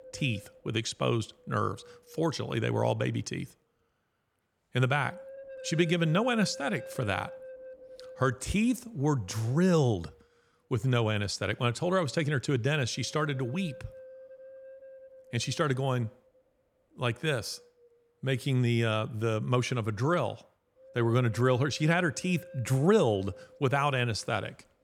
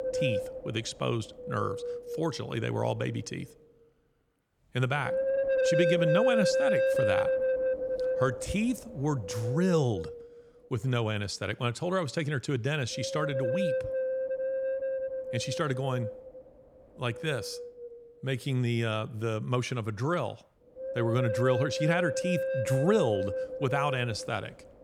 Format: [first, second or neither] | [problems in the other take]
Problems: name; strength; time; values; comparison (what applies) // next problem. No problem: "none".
first | wind noise on the microphone; heavy; 2 dB above the speech; occasional gusts in the first